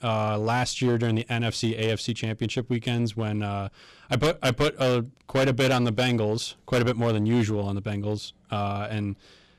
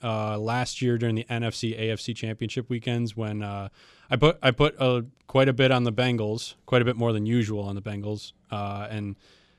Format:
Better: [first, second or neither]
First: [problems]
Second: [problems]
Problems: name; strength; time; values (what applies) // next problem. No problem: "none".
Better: second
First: distortion; heavy; 11% of the sound clipped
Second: none